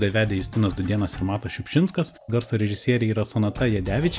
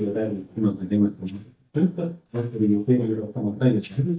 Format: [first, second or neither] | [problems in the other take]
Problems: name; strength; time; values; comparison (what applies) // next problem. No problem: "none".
first | noise reduction (neural mask model DeepFilterNet 3)